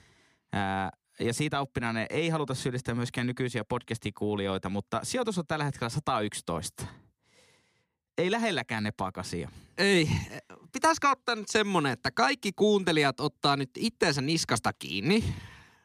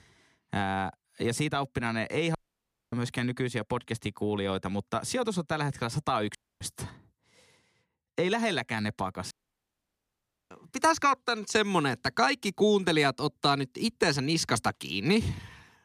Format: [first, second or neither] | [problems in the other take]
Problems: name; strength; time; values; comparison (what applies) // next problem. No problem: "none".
first | audio cutting out; at 2.5 s for 0.5 s, at 6.5 s and at 9.5 s for 1 s